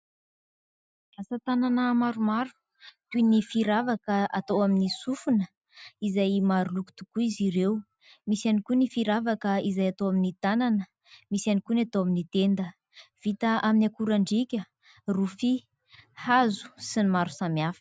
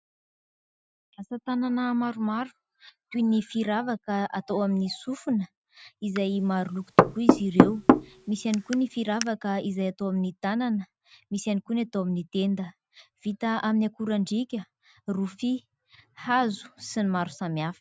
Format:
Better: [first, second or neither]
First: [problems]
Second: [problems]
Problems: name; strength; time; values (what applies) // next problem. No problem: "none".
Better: first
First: none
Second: background sound (Knock / Wood); 5 dB above the speech